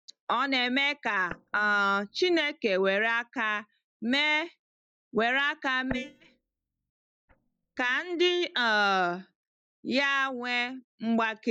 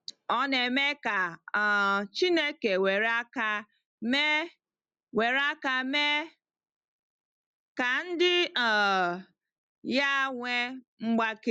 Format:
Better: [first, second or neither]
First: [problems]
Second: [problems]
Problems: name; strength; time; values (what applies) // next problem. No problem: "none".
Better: second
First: noise reduction (neural mask model DeepFilterNet 3)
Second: none